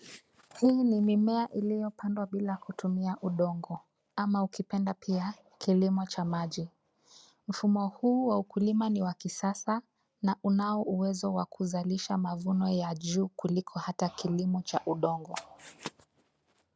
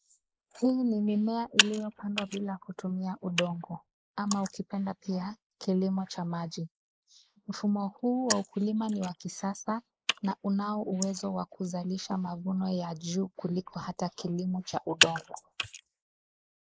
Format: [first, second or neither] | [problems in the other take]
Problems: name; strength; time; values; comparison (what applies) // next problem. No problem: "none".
first | noise reduction (neural mask model Resemble Enhance denoiser)